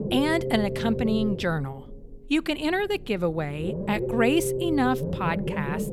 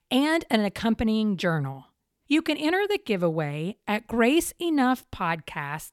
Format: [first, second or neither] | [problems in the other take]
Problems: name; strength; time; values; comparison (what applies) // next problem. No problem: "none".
second | low rumble; loud; throughout; 5 dB below the speech